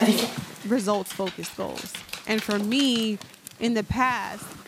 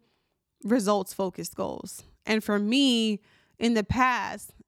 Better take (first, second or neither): second